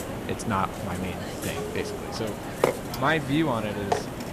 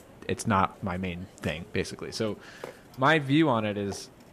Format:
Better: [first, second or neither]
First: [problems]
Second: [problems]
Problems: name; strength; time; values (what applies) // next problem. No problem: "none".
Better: second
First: hiss; loud; throughout; 2 dB below the speech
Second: hiss; faint; throughout; 20 dB below the speech